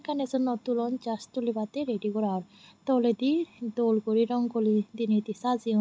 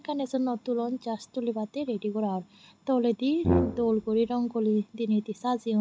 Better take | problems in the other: first | background sound (Brass instrument); 1 dB below the speech

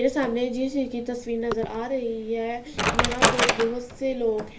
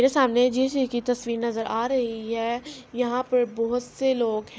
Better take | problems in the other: second | background sound (Wood); 2 dB below the speech // room echo; dies away in 0.3 s

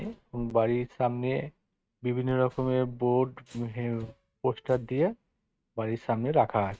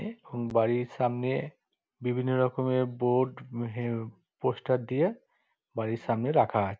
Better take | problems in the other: second | noise reduction (neural mask model RNNoise)

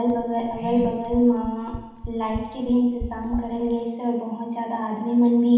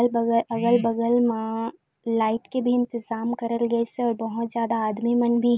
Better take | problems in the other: second | background sound (Run); 14 dB below the speech // room echo; dies away in 1.1 s

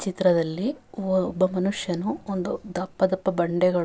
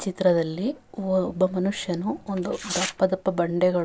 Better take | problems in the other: first | background sound (Tearing); 11 dB below the speech

